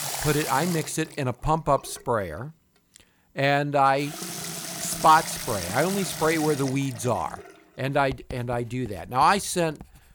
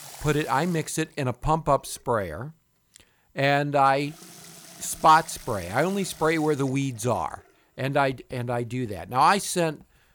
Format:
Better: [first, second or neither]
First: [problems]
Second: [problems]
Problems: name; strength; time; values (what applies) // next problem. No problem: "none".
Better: second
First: household noises; loud; throughout; 8 dB below the speech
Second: household noises; faint; throughout; 20 dB below the speech